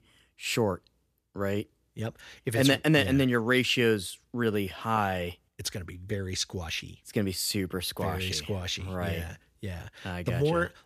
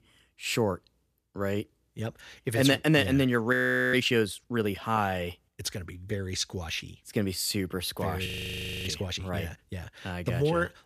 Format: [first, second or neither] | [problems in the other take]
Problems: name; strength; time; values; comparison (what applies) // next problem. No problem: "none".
first | audio freezing; at 3.5 s and at 8.5 s for 0.5 s